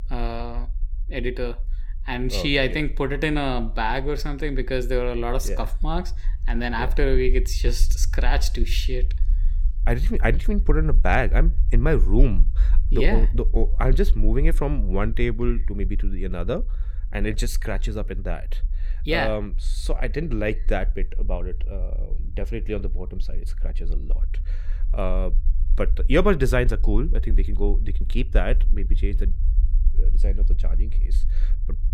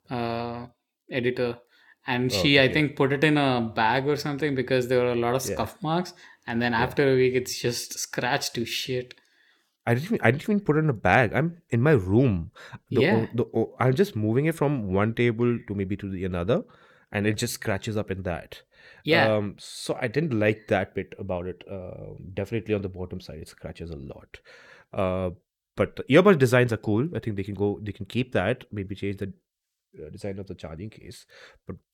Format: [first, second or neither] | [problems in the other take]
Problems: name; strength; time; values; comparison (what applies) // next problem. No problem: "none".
second | low rumble; faint; throughout; 25 dB below the speech